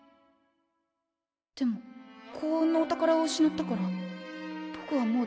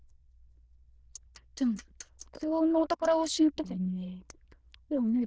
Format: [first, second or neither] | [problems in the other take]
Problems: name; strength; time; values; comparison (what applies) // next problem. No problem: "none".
first | noise reduction (neural diffusion model UNIVERSE++)